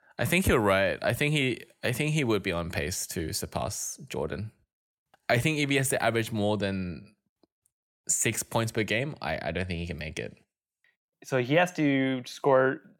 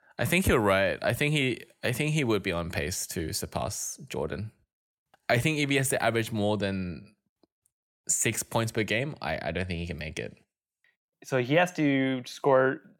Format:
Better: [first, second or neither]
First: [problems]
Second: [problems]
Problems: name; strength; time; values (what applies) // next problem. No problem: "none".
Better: neither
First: none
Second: none